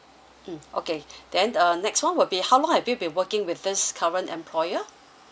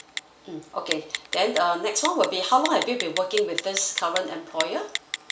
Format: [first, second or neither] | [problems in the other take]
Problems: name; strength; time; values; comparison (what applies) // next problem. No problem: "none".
first | background sound (Telephone); 8 dB below the speech // room echo; dies away in 0.4 s